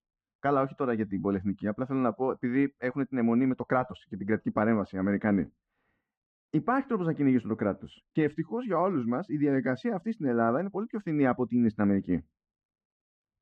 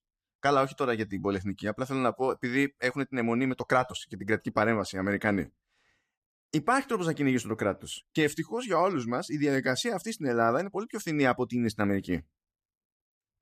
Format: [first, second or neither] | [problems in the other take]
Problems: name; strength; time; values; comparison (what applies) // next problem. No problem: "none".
second | muffled; very; fading above 1.5 kHz